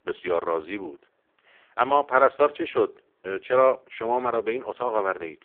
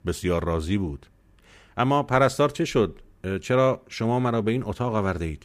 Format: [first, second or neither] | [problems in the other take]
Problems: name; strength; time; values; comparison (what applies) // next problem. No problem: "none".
second | phone-call audio; poor line